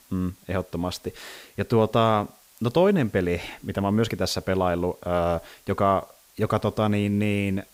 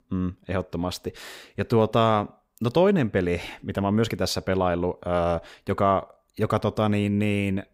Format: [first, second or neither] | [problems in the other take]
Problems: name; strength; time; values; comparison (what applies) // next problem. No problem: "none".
second | hiss; faint; throughout; 30 dB below the speech